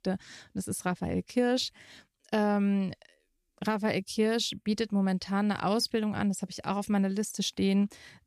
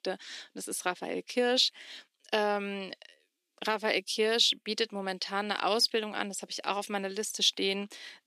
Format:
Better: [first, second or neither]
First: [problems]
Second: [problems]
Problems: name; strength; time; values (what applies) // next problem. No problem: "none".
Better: first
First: none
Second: thin; somewhat; fading below 300 Hz